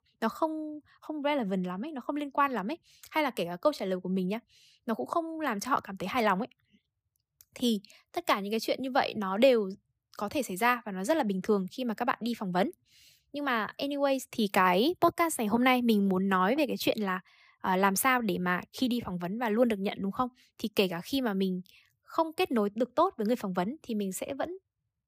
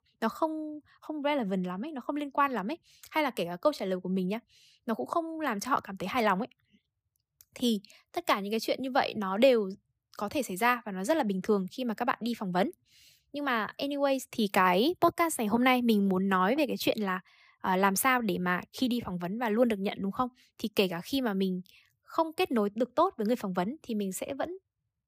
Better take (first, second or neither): neither